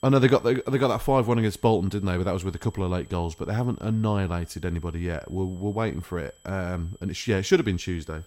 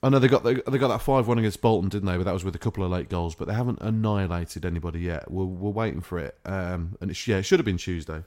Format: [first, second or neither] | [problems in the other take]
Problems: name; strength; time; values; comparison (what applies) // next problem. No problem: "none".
second | high-pitched whine; faint; throughout; 8 kHz, 30 dB below the speech